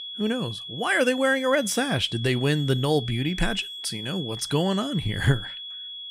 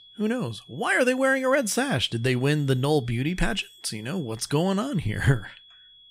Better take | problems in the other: second | high-pitched whine; loud; throughout; 3.5 kHz, 9 dB below the speech; faint in the second

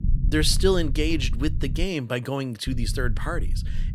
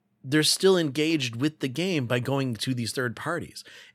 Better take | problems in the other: second | low rumble; noticeable; until 2 s and from 2.5 s on; 20 dB below the speech

